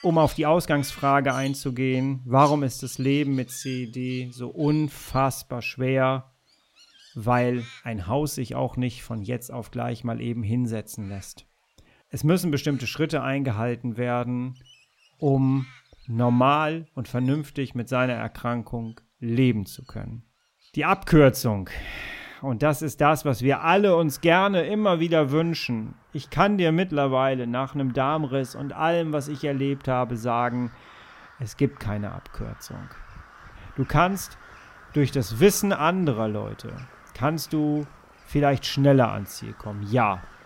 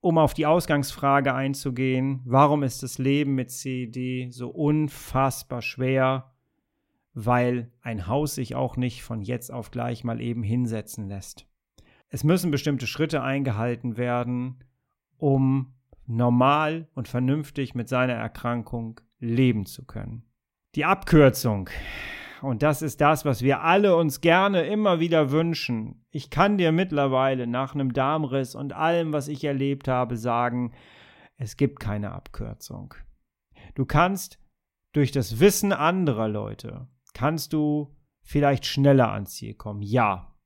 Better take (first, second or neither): second